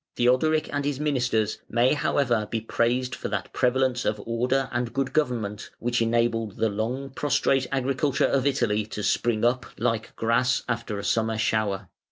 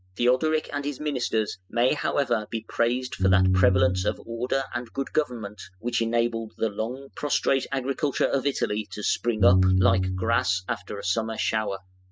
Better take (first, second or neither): first